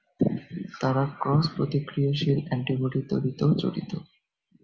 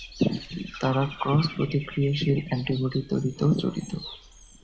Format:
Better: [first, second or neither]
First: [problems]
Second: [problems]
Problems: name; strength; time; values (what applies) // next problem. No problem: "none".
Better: first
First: none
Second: background sound (Bird / Dog); 17 dB below the speech